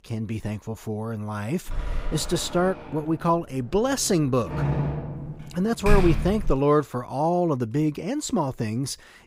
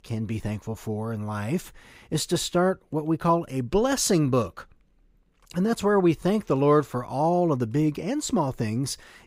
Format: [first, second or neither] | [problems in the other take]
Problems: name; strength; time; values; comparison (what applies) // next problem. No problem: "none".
second | door banging; loud; from 1.5 to 6.5 s; peak level with the speech